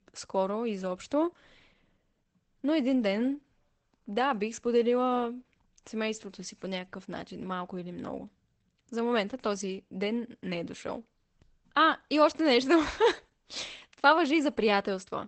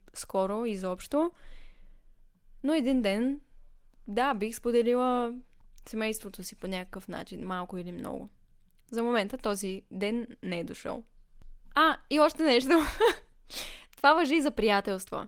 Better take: second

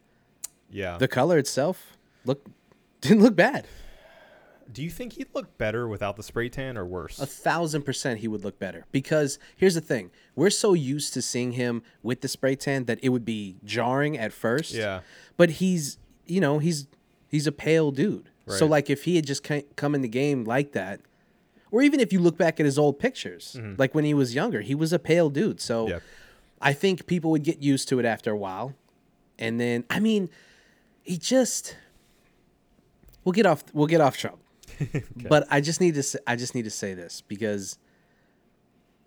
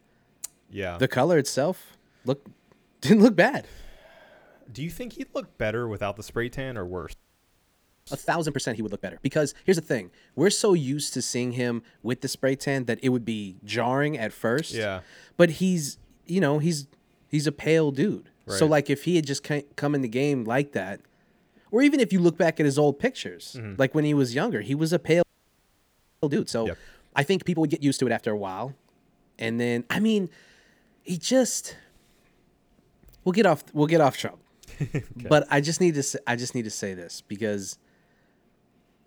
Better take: first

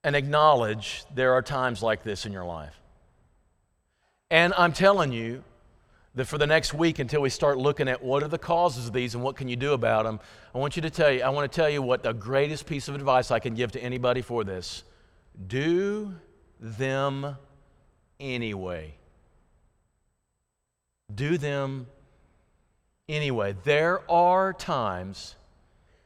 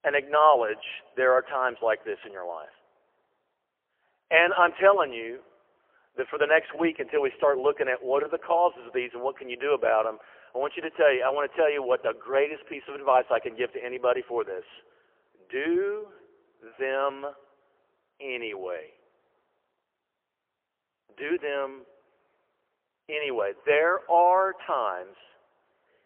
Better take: first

